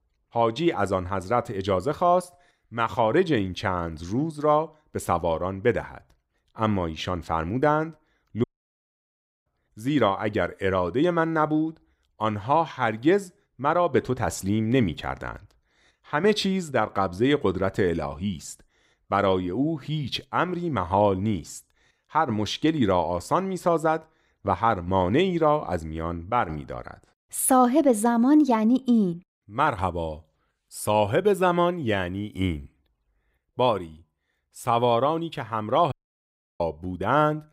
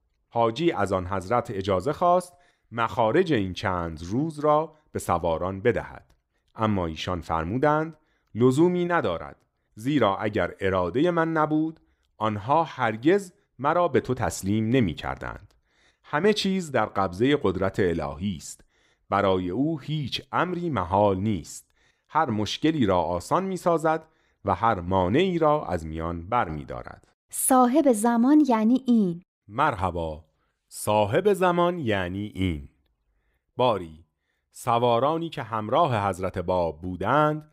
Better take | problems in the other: second | audio cutting out; at 8.5 s for 1 s and at 36 s for 0.5 s

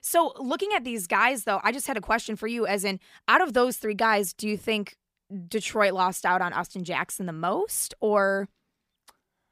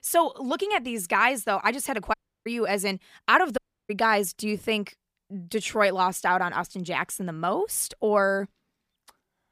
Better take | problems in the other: first | audio cutting out; at 2 s and at 3.5 s

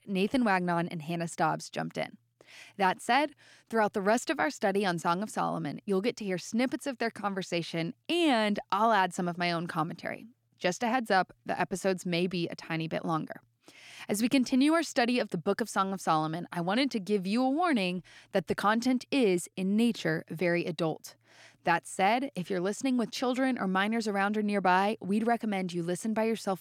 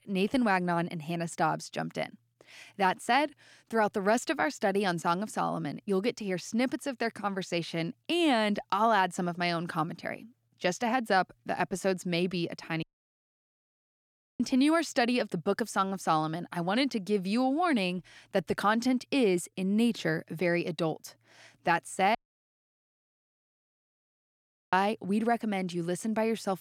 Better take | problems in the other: first | audio cutting out; at 13 s for 1.5 s and at 22 s for 2.5 s

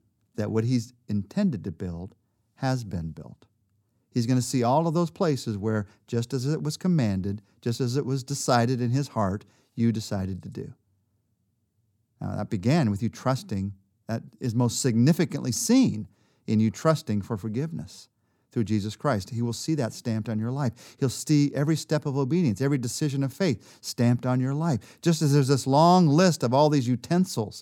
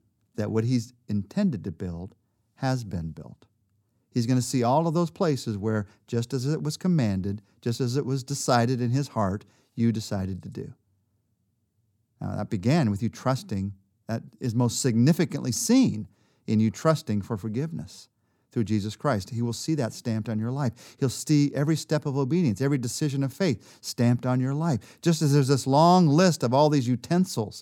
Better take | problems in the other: neither | none

